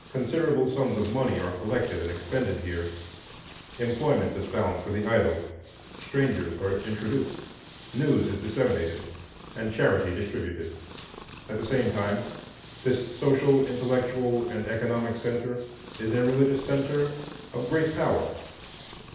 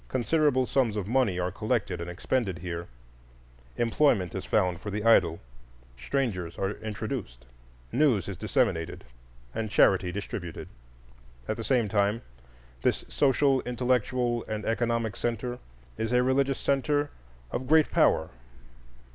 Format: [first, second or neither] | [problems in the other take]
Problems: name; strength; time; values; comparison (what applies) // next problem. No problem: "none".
second | background sound (Purr); 17 dB below the speech // room echo; dies away in 0.8 s